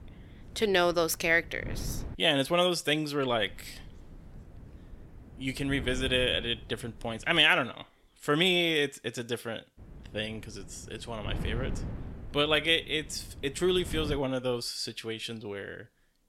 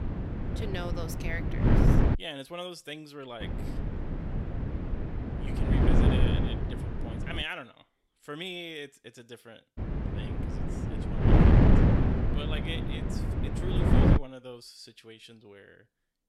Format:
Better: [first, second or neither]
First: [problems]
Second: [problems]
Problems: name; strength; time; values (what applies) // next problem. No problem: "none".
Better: first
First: wind noise on the microphone; occasional gusts; until 2 s, from 3.5 to 7.5 s and from 10 to 14 s; 25 dB below the speech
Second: wind noise on the microphone; heavy; until 2 s, from 3.5 to 7.5 s and from 10 to 14 s; 5 dB above the speech